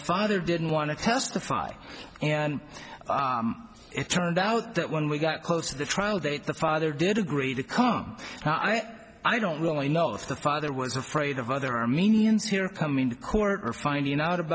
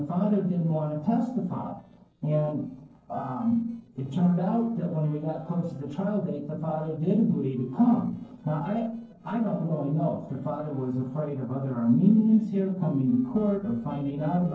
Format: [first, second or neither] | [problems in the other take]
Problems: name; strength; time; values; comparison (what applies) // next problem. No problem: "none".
first | noise reduction (neural separator model SepFormer DNS4)